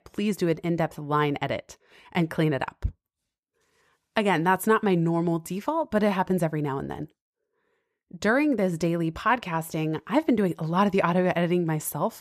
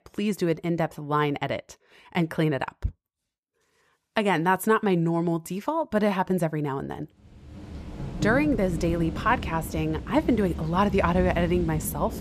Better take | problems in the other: first | rain or running water; loud; from 7.5 s on; 8 dB below the speech

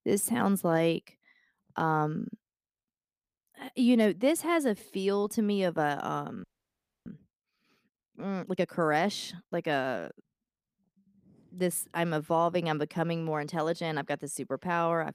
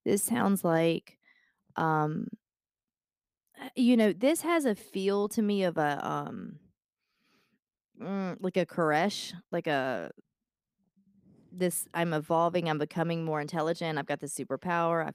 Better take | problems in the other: second | audio freezing; at 6.5 s for 0.5 s

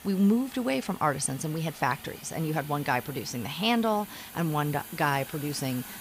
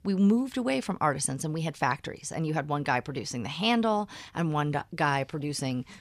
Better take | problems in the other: second | hiss; noticeable; throughout; 15 dB below the speech

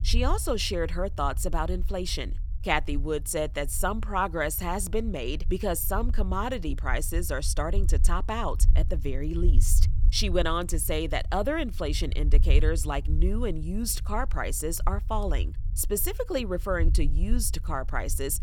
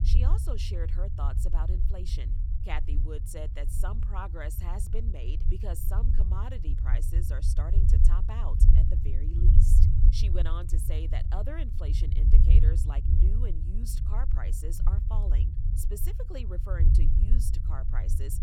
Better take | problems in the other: first | low rumble; loud; throughout; 3 dB below the speech; faint in the first

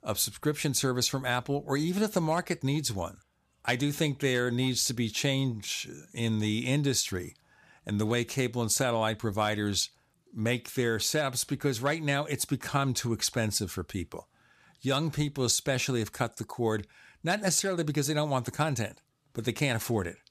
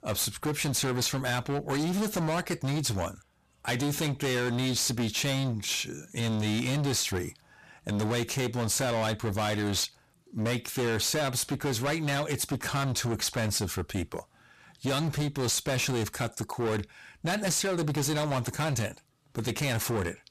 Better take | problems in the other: first | distortion; heavy; 24% of the sound clipped

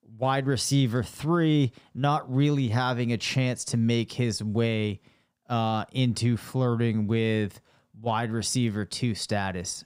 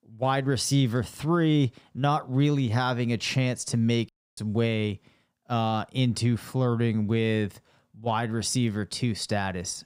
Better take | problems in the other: first | audio cutting out; at 4 s

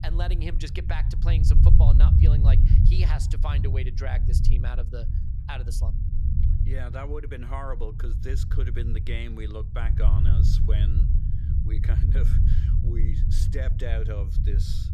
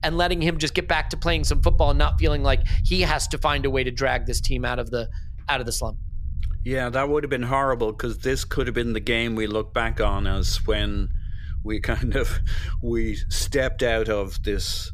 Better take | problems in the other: second | low rumble; loud; throughout; 2 dB below the speech; faint in the second

